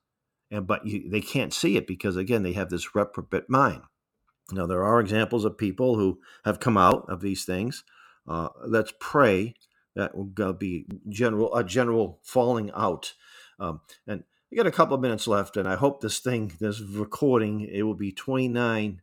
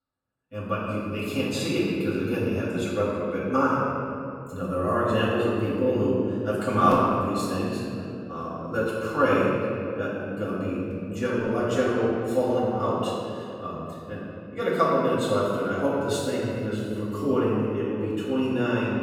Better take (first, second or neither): first